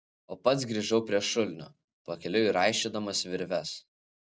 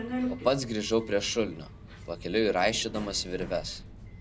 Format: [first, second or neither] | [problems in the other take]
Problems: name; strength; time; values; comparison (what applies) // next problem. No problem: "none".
first | background sound (Subway, metro, underground); 9 dB below the speech